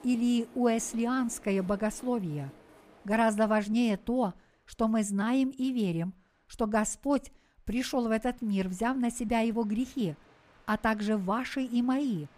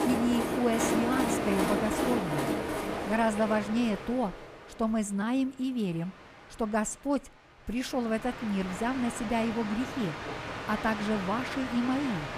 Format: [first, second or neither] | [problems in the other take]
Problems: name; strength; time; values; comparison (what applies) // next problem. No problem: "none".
first | train or aircraft noise; loud; throughout; 3 dB below the speech; faint in the first